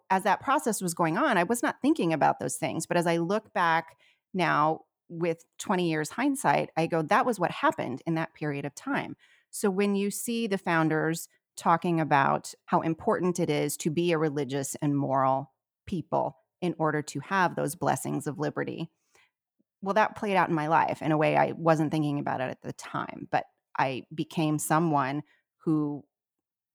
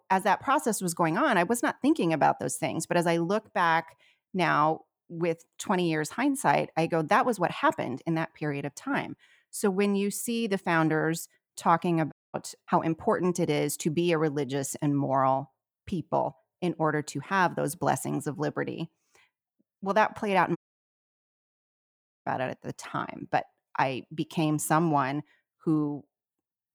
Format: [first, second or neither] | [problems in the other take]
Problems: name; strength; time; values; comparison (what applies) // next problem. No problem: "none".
first | audio cutting out; at 12 s and at 21 s for 1.5 s